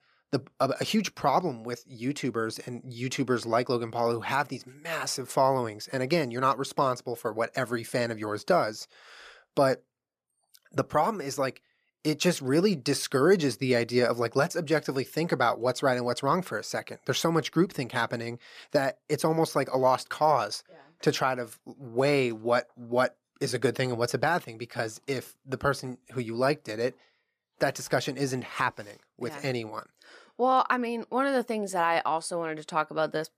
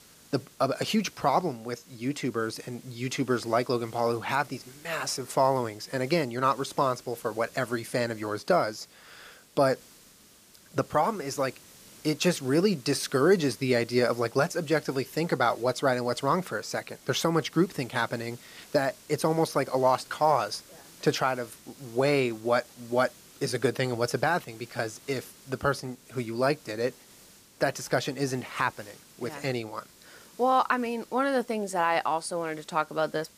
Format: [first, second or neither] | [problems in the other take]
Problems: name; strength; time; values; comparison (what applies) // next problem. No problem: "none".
first | hiss; faint; throughout; 25 dB below the speech